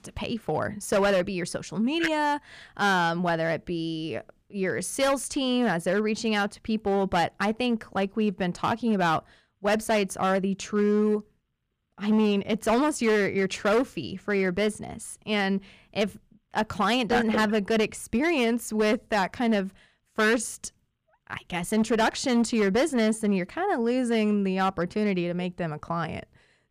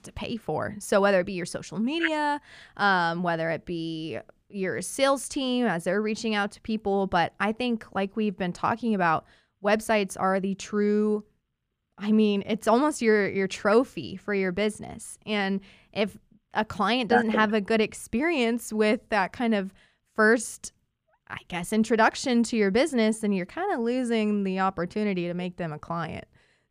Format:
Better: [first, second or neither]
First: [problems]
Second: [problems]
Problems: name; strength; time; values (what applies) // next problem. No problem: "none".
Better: second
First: distortion; slight; 7% of the sound clipped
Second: none